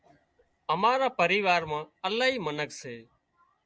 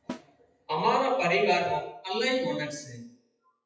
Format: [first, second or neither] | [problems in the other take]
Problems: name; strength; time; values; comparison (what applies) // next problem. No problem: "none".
first | noise reduction (classical method WPE with log-MMSE)